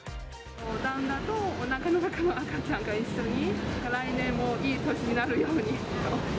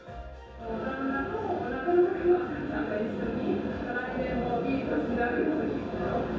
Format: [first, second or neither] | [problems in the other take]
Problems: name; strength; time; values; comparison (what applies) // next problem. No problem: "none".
first | room echo; dies away in 0.7 s